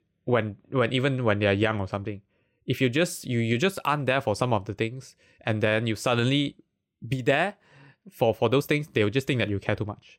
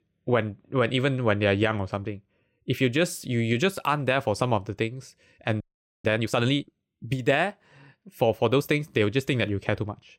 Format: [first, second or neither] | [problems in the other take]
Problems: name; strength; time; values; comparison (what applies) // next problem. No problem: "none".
first | audio freezing; at 5.5 s